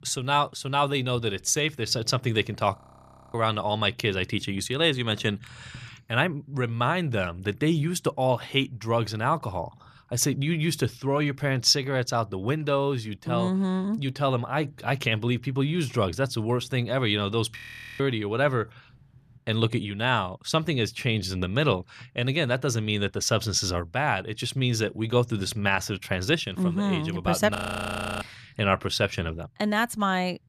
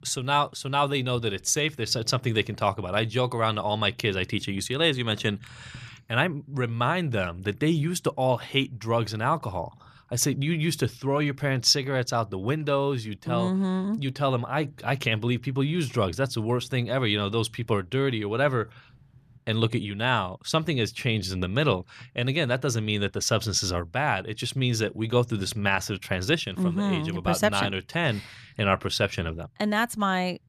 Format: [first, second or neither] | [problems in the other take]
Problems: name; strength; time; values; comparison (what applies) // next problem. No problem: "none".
second | audio freezing; at 3 s for 0.5 s, at 18 s and at 28 s for 0.5 s